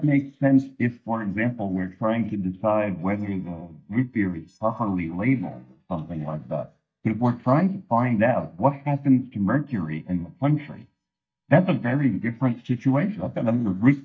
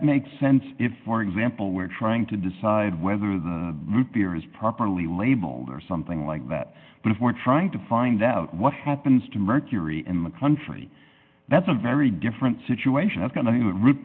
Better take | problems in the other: second | noise reduction (neural mask model DeepFilterNet 3)

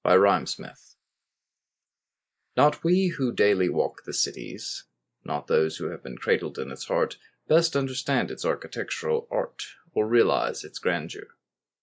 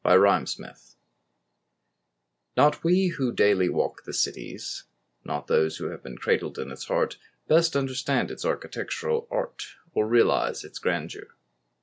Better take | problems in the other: second | noise reduction (neural mask model Resemble Enhance denoiser)

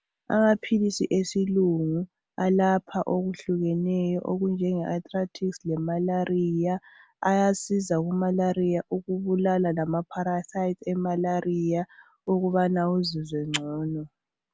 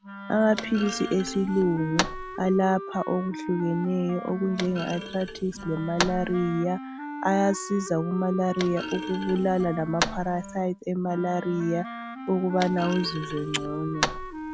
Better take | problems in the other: first | background sound (Thump, thud + Wind instrument, woodwind instrument); 8 dB below the speech

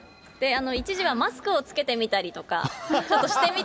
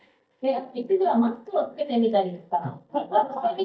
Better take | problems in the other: first | noise reduction (neural mask model DeepFilterNet 3)

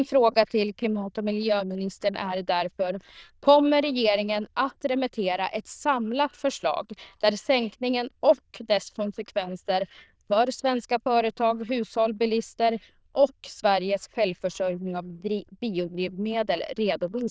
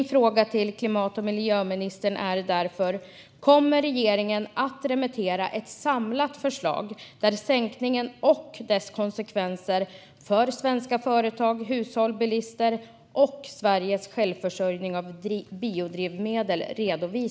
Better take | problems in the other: second | noise reduction (neural diffusion model UNIVERSE++)

